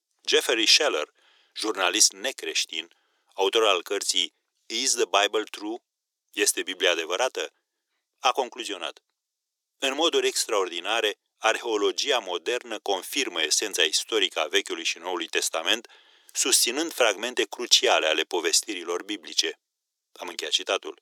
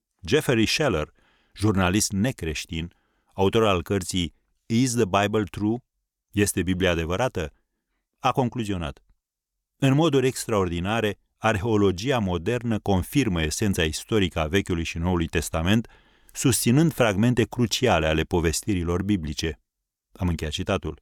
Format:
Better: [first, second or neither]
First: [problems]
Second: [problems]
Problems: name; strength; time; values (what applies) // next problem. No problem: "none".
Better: second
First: thin; very; fading below 350 Hz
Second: none